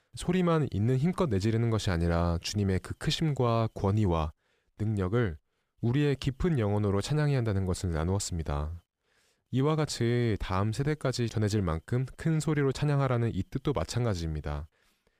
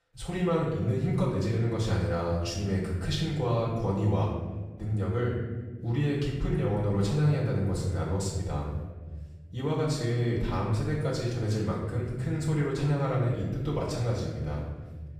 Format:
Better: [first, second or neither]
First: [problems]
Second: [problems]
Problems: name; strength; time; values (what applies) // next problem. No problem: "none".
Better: first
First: none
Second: off-mic speech; far // room echo; noticeable; dies away in 1.2 s